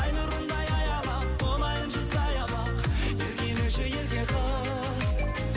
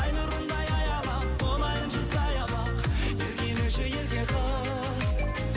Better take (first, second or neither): first